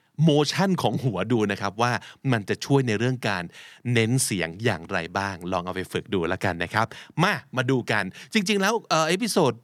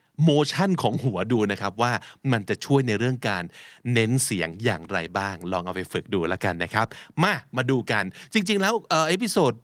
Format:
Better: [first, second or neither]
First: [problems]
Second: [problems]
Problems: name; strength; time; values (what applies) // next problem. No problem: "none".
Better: first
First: none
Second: garbled, watery; slightly